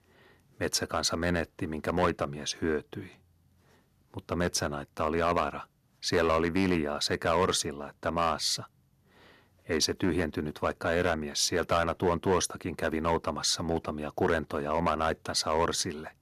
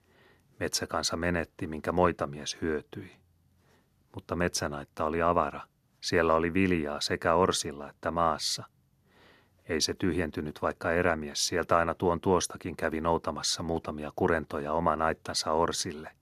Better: second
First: distortion; slight; 2% of the sound clipped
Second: none

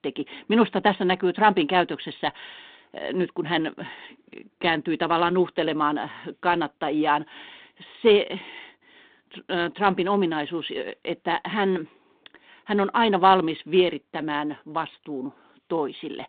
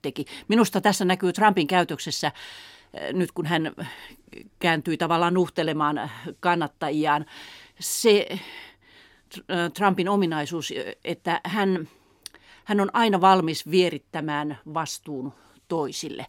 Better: second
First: phone-call audio; nothing above 3.5 kHz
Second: none

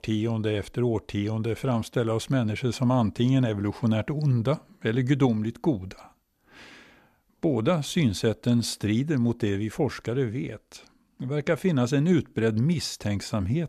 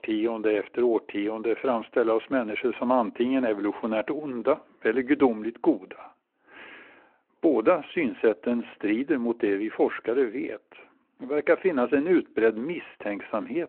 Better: first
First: none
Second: phone-call audio

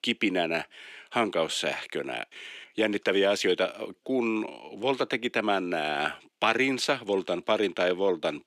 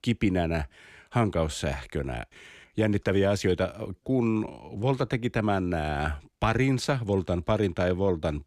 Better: second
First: thin; somewhat; fading below 300 Hz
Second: none

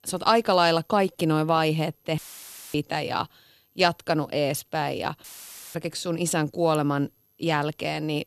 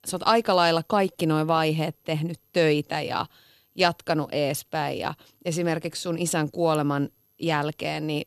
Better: second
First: audio cutting out; filled with static; at 2 s for 0.5 s and at 5 s for 0.5 s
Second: none

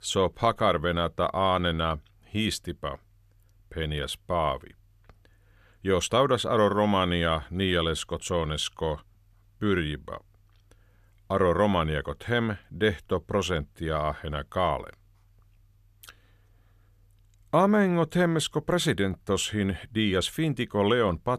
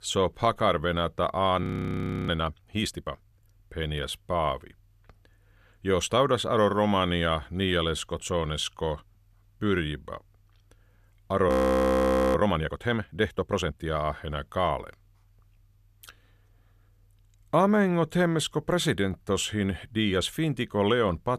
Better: first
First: none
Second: audio freezing; at 1.5 s for 0.5 s and at 11 s for 1 s

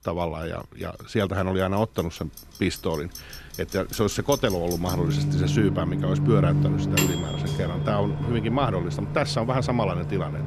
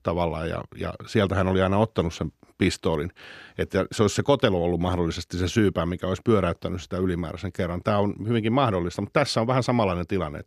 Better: second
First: household noises; loud; throughout; as loud as the speech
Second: none

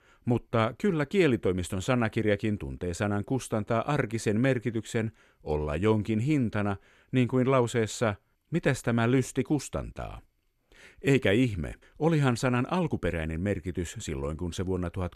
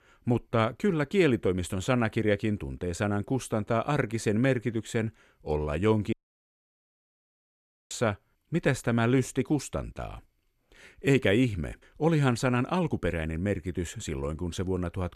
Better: first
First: none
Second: audio cutting out; at 6 s for 2 s

